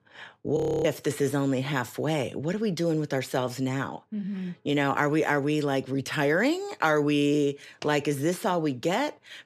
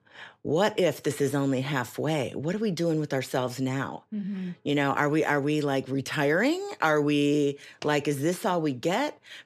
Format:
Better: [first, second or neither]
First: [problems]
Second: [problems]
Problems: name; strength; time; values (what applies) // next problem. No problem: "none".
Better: second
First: audio freezing; at 0.5 s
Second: none